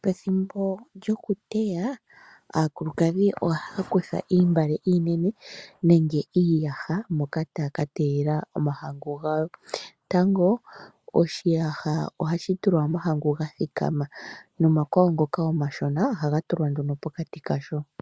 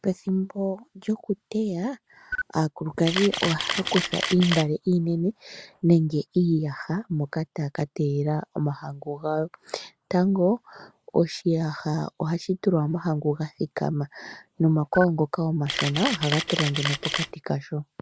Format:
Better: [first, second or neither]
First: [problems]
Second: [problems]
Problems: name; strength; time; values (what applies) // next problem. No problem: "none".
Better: first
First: none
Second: background sound (Camera); 5 dB below the speech